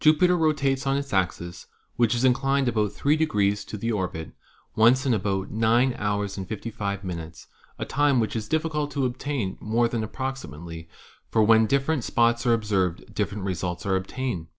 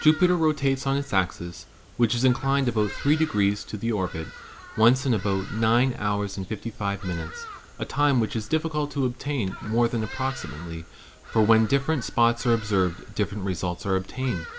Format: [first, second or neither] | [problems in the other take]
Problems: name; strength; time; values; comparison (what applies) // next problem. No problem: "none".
first | background sound (Bird vocalization, bird call, bird song); 17 dB below the speech